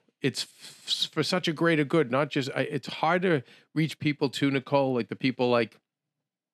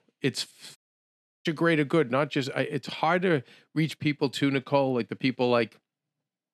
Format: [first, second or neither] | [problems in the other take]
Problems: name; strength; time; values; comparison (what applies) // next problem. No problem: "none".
first | audio cutting out; at 1 s for 0.5 s